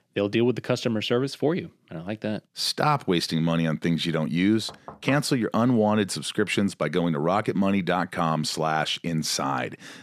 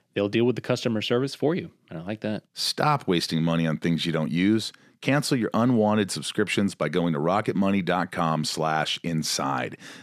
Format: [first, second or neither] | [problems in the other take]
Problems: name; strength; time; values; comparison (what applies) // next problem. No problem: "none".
second | door banging; faint; at 4.5 s; peak 15 dB below the speech